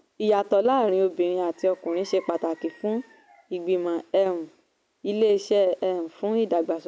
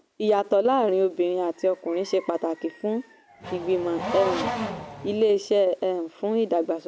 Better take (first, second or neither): first